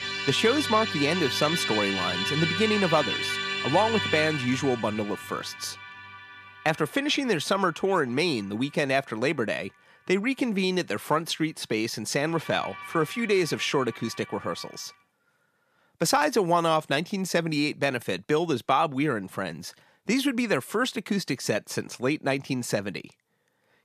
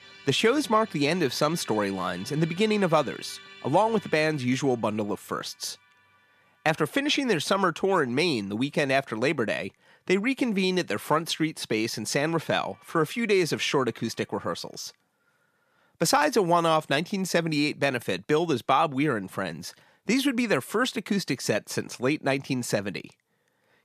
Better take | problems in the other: second | background music; loud; until 15 s; 3 dB below the speech; faint in the second

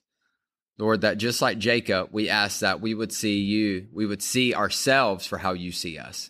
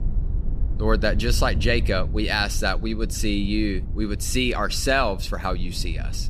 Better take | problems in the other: first | low rumble; noticeable; throughout; 20 dB below the speech

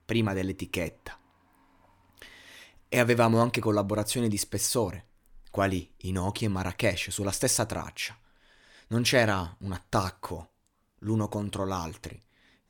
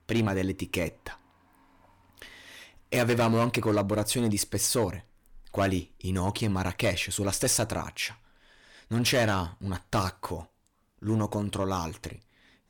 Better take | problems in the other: first | distortion; slight; 4% of the sound clipped

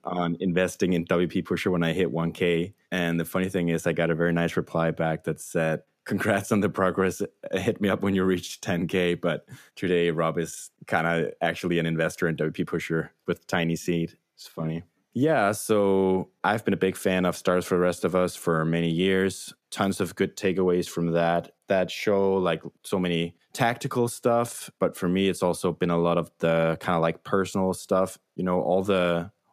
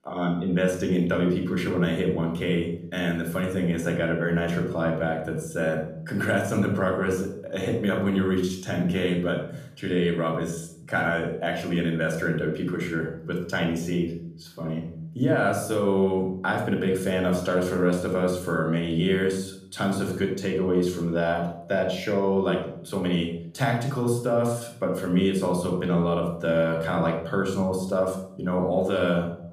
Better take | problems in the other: first | off-mic speech; somewhat distant // room echo; noticeable; dies away in 0.5 s

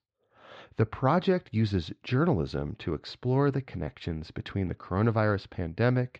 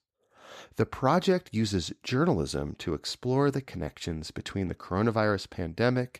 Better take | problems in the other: second | muffled; very slightly; fading above 3.5 kHz

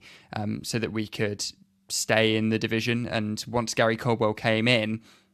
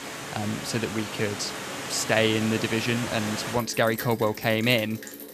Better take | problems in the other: first | rain or running water; loud; throughout; 8 dB below the speech

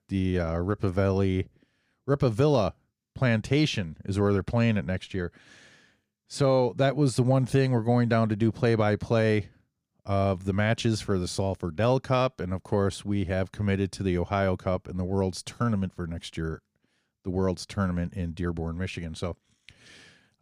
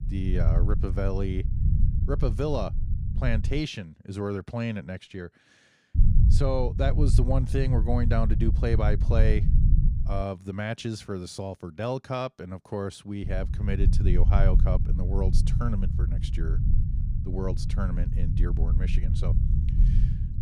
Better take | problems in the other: first | low rumble; loud; until 3.5 s, from 6 to 10 s and from 13 s on; 8 dB below the speech

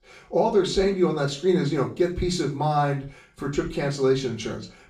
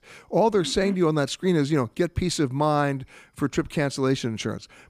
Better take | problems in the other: second | room echo; slight; dies away in 0.3 s // off-mic speech; far

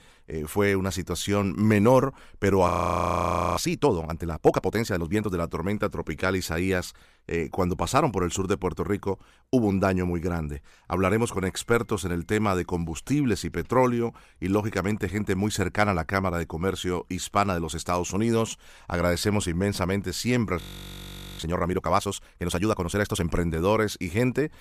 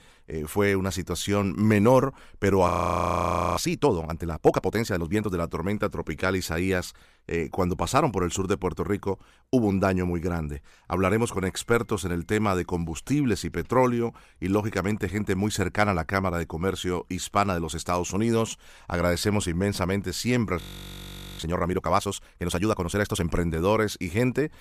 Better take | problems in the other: neither | audio freezing; at 2.5 s for 1 s and at 21 s for 1 s; the same in both

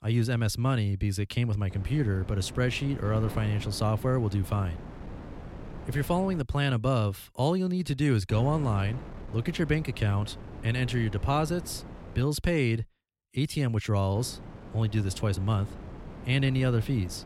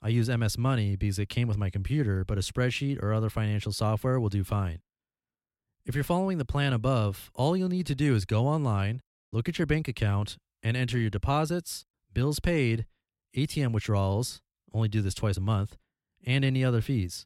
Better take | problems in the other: second | wind noise on the microphone; occasional gusts; from 1.5 to 6.5 s, from 8.5 to 12 s and from 14 s on; 15 dB below the speech

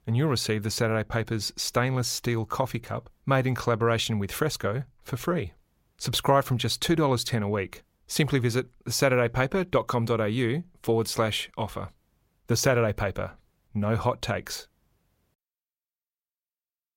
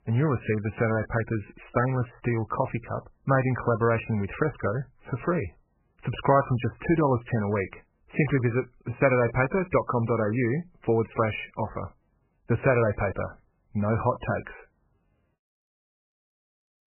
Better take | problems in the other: first | garbled, watery; badly; nothing above 2.5 kHz

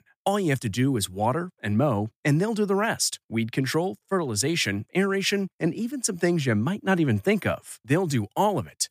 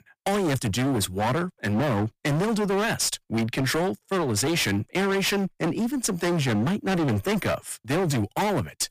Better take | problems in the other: first | distortion; heavy; 33% of the sound clipped

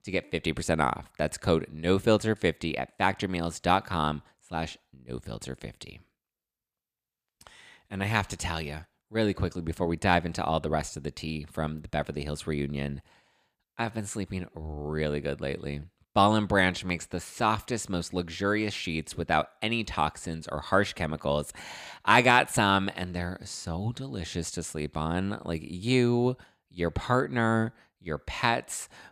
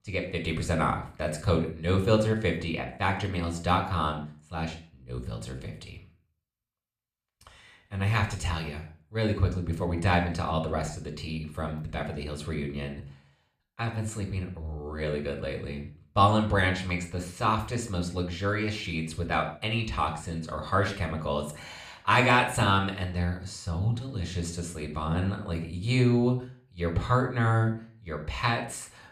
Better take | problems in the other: first | off-mic speech; somewhat distant // room echo; slight; dies away in 0.4 s

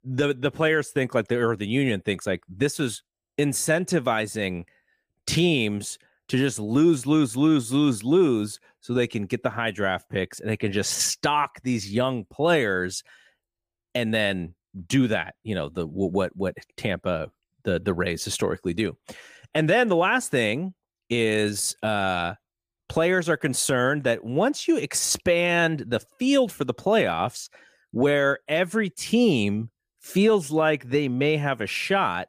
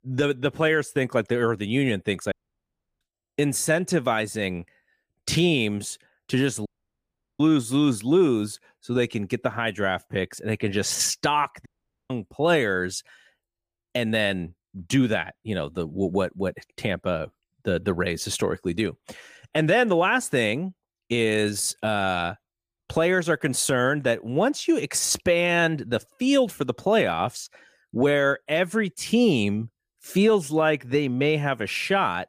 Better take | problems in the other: first | audio cutting out; at 2.5 s for 0.5 s, at 6.5 s for 0.5 s and at 12 s

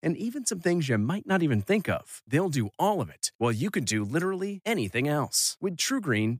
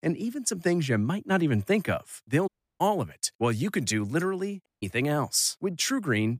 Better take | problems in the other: first | audio cutting out; at 2.5 s and at 4.5 s

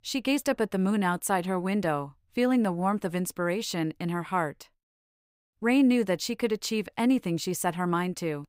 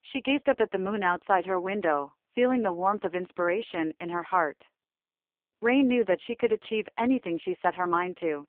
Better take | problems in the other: first | phone-call audio; poor line

